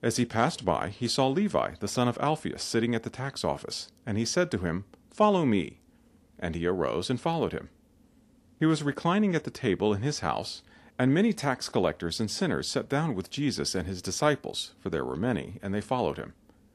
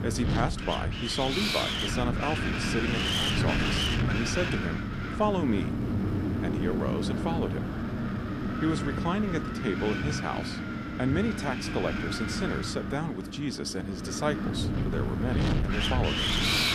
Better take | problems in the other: first | wind noise on the microphone; heavy; 2 dB above the speech

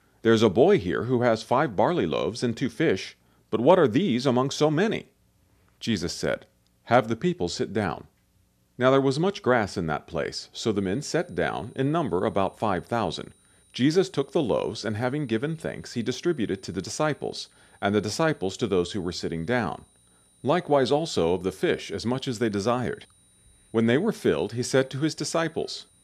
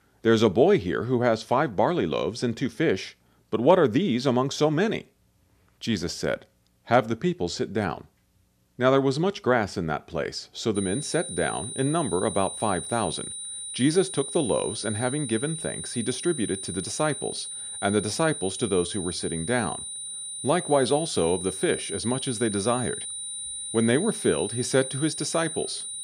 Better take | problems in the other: first | high-pitched whine; loud; from 11 s on; 9.5 kHz, 7 dB below the speech; faint in the first

